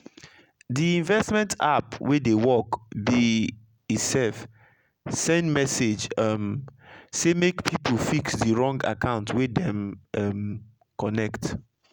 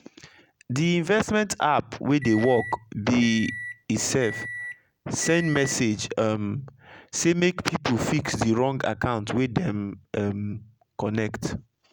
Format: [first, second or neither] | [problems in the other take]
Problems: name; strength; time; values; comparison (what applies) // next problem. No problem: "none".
first | background sound (Microwave oven); 12 dB below the speech